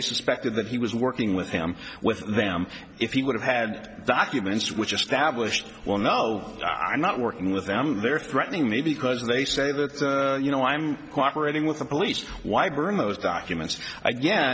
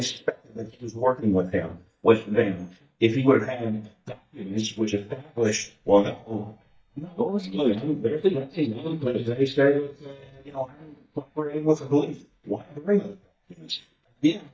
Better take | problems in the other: first | noise reduction (neural mask model DeepFilterNet 3)

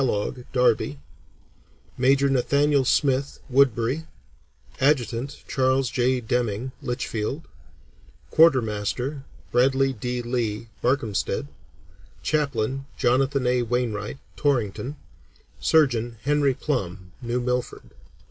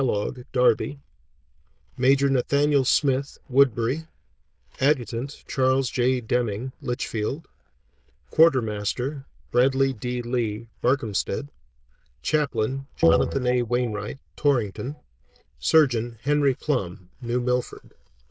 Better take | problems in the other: first | noise reduction (neural diffusion model UNIVERSE++)

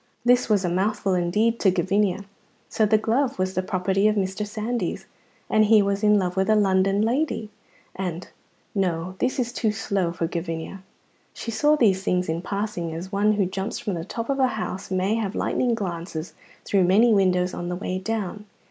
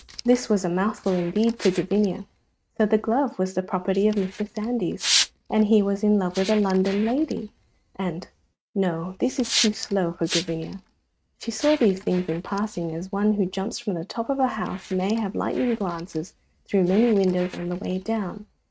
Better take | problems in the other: first | noise reduction (neural mask model RNNoise)

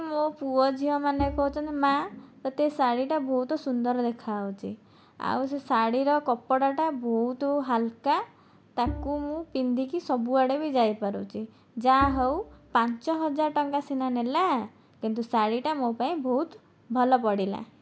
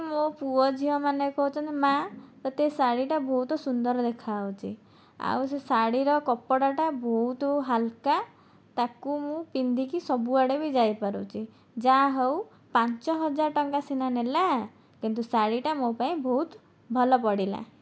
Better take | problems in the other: second | background sound (Bowed string instrument); 13 dB below the speech

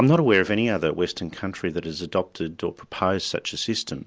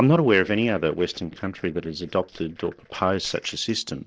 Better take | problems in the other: first | noise reduction (neural separator model SepFormer DNS4)

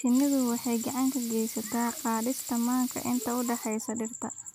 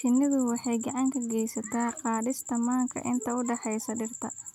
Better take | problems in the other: second | background sound (Sink (filling or washing) / Water tap, faucet / Liquid); 14 dB below the speech

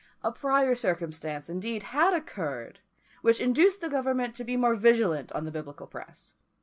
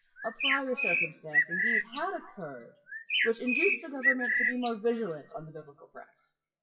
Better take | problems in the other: first | noise reduction (classical method WPE with log-MMSE)

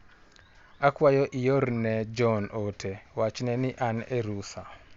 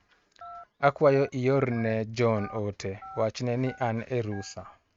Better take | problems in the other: first | noise reduction (neural mask model RNNoise)

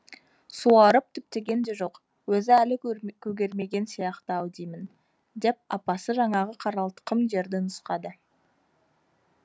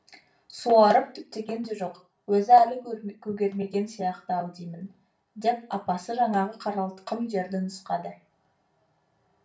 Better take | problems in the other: first | room echo; dies away in 0.3 s

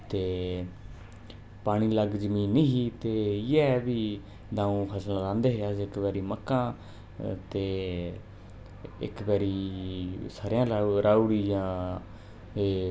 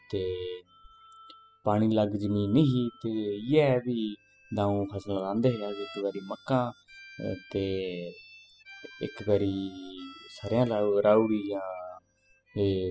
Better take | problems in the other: first | noise reduction (classical method spectral subtraction)

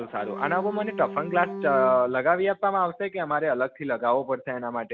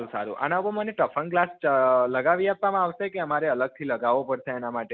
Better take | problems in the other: second | background sound (Bowed string instrument); 10 dB below the speech

